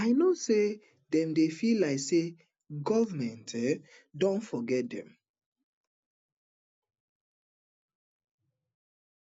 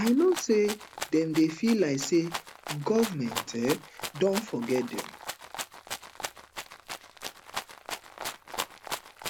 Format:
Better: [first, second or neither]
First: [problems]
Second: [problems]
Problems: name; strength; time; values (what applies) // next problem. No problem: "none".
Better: first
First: none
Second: background sound (Rattle (instrument)); 10 dB below the speech